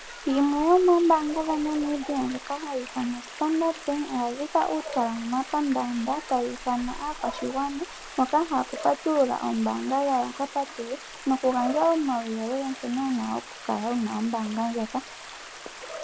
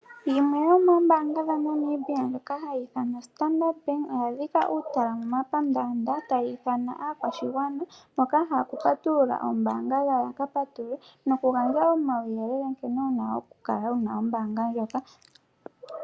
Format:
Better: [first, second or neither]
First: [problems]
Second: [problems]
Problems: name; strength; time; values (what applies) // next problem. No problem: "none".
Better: second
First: background sound (Stream); 15 dB below the speech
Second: none